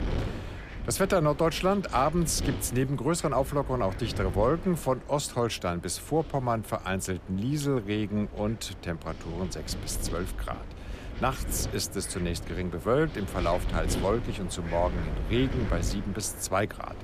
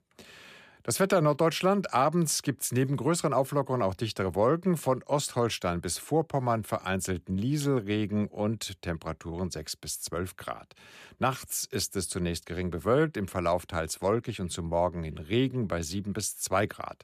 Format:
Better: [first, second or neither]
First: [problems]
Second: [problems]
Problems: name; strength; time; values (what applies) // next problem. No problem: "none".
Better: second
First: wind noise on the microphone; occasional gusts; 15 dB below the speech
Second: none